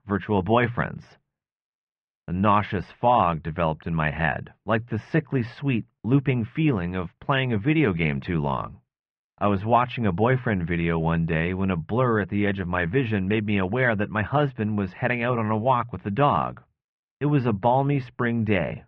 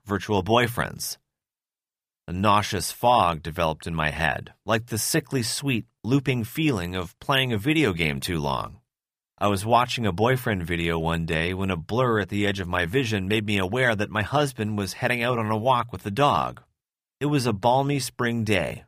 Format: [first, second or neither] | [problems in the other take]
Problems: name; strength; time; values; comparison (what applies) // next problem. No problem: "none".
second | muffled; very; fading above 2.5 kHz